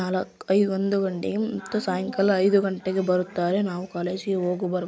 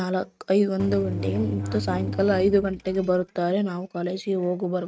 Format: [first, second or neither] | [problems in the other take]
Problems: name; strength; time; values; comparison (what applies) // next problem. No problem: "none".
first | noise reduction (neural mask model RNNoise)